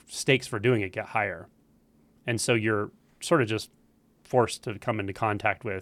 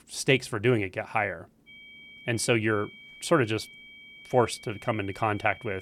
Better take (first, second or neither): first